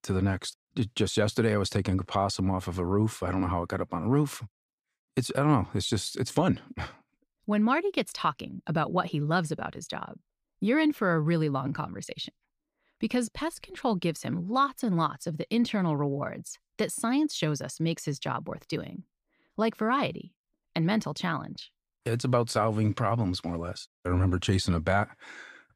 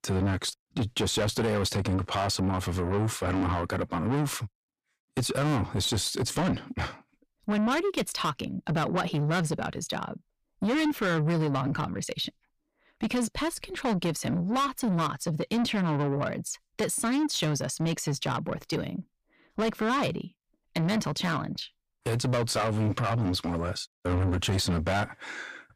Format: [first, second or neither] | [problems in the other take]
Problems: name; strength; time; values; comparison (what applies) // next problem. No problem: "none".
first | distortion; heavy; 7 dB below the speech